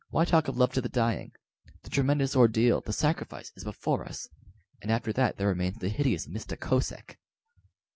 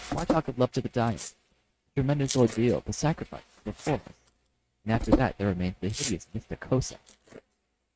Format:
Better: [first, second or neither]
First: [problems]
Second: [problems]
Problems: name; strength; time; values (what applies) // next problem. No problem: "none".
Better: first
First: none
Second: noise reduction (neural mask model RNNoise)